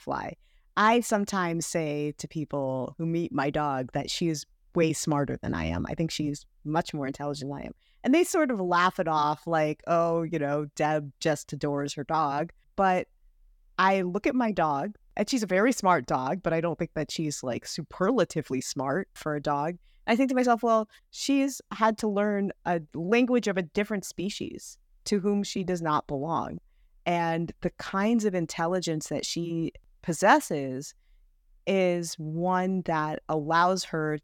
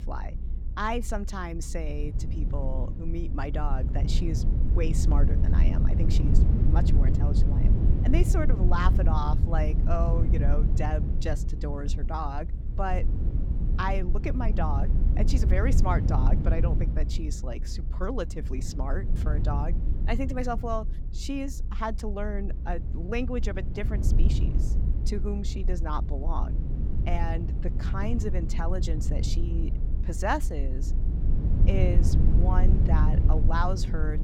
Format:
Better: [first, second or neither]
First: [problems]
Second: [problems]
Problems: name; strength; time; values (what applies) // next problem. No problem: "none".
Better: first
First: none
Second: low rumble; loud; throughout; 7 dB below the speech